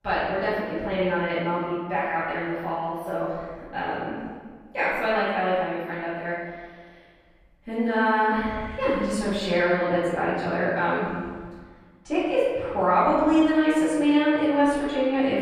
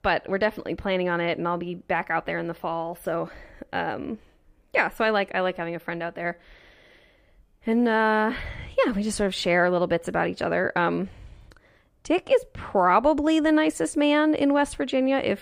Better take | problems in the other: second | room echo; strong; dies away in 1.4 s // off-mic speech; far

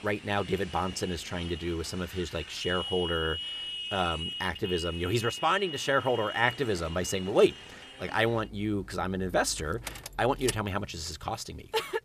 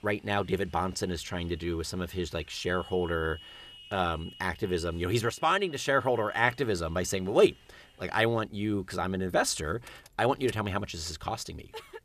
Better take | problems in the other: second | traffic noise; loud; throughout; 8 dB below the speech; faint in the second

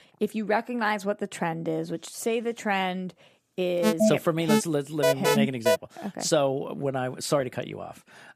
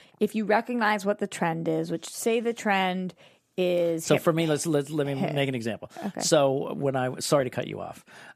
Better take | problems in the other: second | alarm; loud; from 4 to 6 s; peak 5 dB above the speech

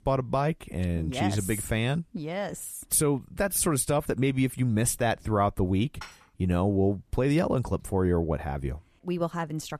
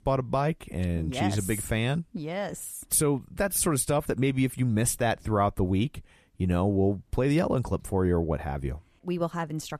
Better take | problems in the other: second | clattering dishes; faint; at 6 s; peak 20 dB below the speech

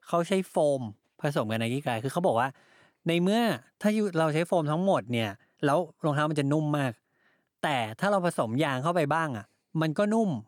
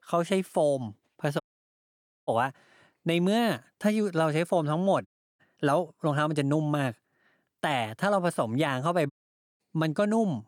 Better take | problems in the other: first | audio cutting out; at 1.5 s for 1 s, at 5 s and at 9 s

